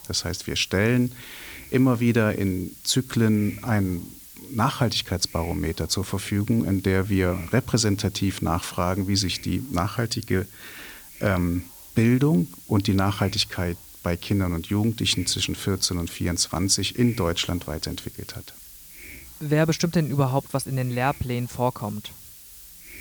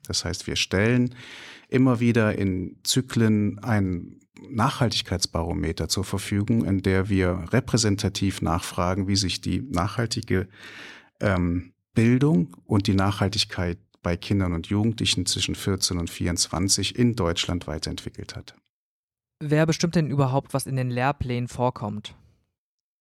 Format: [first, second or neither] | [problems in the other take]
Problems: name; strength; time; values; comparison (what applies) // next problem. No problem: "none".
second | hiss; noticeable; throughout; 20 dB below the speech